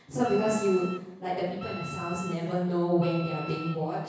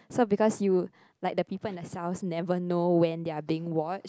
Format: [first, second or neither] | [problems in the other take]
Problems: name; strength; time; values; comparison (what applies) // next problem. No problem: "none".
second | background sound (Wind instrument, woodwind instrument); 14 dB below the speech // room echo; dies away in 1.1 s